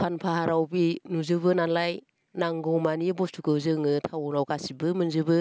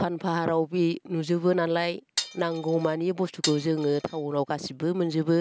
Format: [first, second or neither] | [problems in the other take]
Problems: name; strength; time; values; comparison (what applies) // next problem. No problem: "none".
first | background sound (Glass); 11 dB below the speech